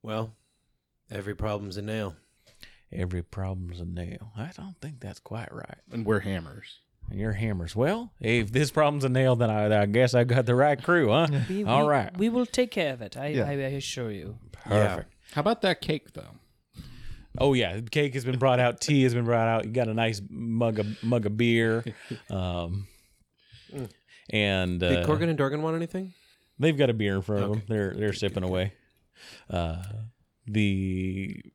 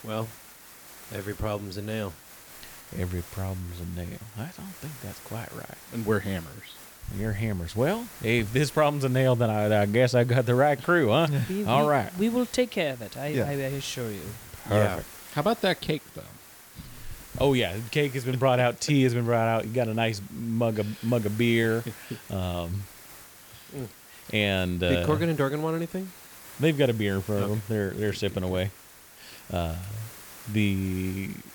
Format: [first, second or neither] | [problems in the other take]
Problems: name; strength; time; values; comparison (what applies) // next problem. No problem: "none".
first | hiss; noticeable; throughout; 20 dB below the speech